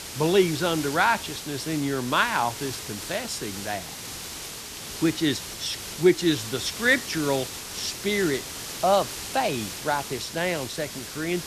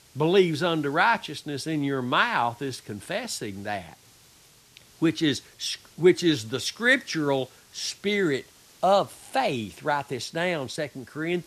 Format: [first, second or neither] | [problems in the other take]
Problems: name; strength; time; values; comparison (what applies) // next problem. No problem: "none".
second | hiss; loud; throughout; 8 dB below the speech; faint in the second